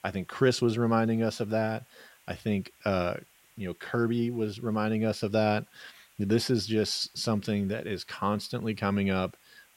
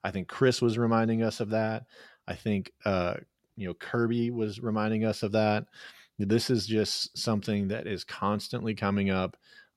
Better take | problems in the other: second | hiss; faint; throughout; 30 dB below the speech

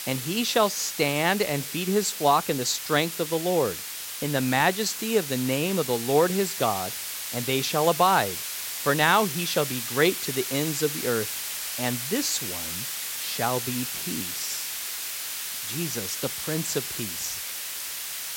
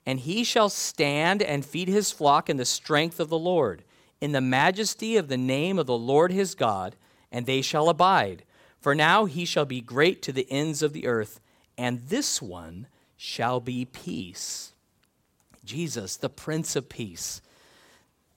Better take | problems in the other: second | hiss; loud; throughout; 5 dB below the speech

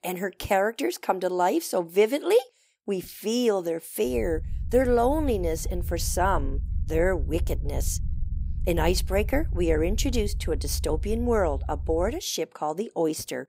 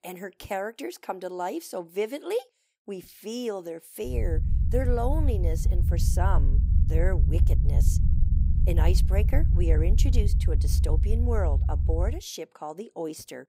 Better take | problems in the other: first | low rumble; loud; from 4 to 12 s; 9 dB below the speech; faint in the first

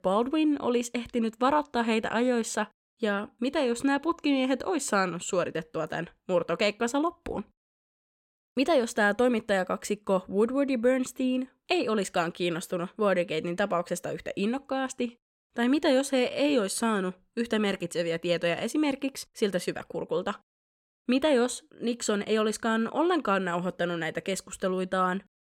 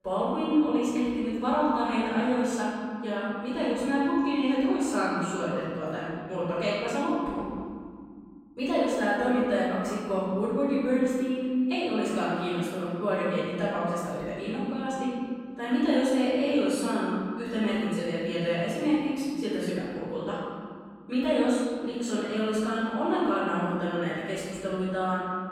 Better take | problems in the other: first | off-mic speech; far // room echo; strong; dies away in 2.2 s

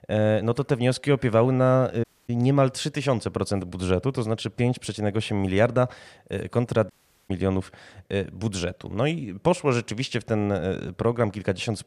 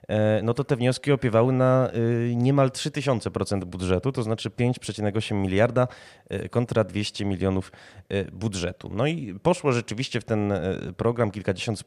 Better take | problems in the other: second | audio cutting out; at 2 s and at 7 s

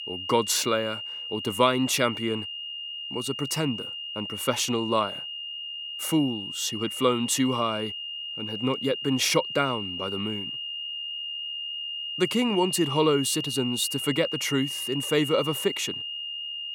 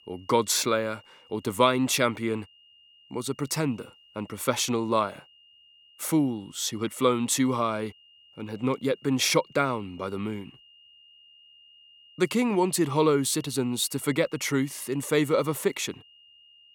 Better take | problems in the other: second | high-pitched whine; loud; throughout; 3 kHz, 6 dB below the speech; faint in the second

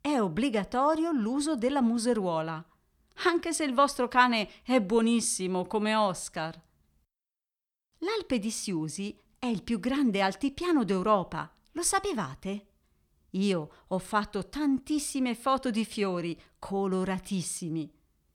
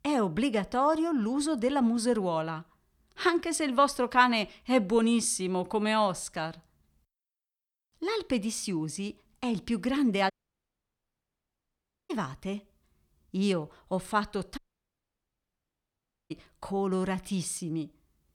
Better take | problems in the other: first | audio cutting out; at 10 s for 2 s and at 15 s for 1.5 s

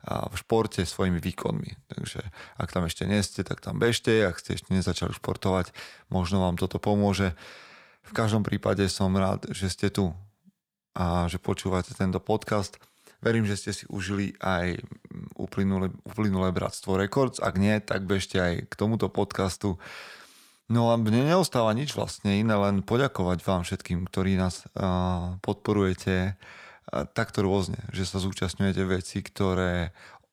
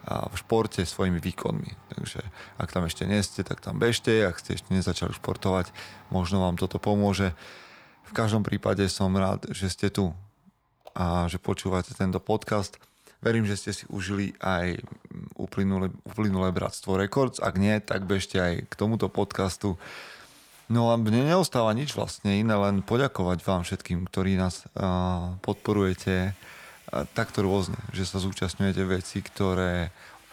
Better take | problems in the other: first | household noises; faint; throughout; 25 dB below the speech

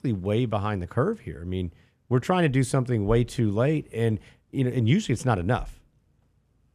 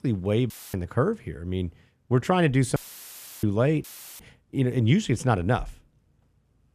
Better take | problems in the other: first | audio cutting out; filled with static; at 0.5 s, at 3 s for 0.5 s and at 4 s

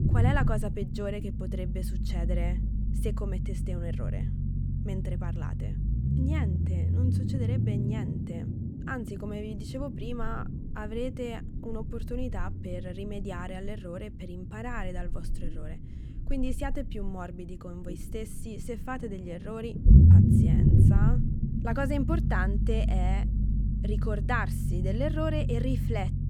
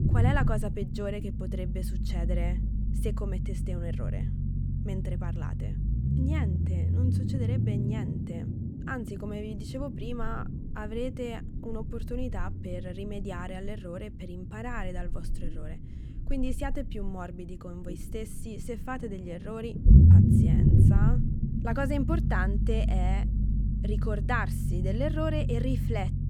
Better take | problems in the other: neither | low rumble; loud; throughout; 3 dB below the speech; the same in both

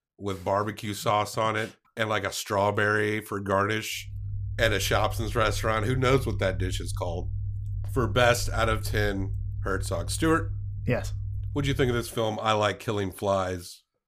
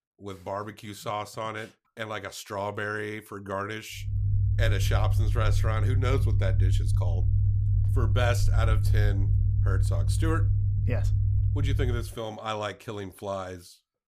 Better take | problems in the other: first | low rumble; loud; from 4 to 12 s; 8 dB below the speech; faint in the first

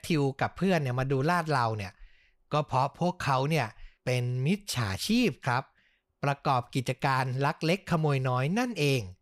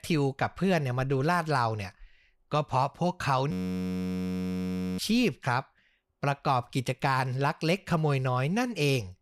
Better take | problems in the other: first | audio freezing; at 3.5 s for 1.5 s

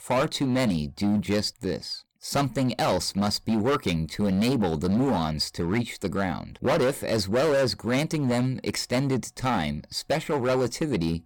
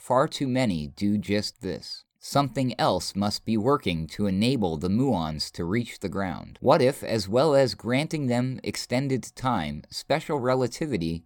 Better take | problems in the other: second | distortion; heavy; 13% of the sound clipped

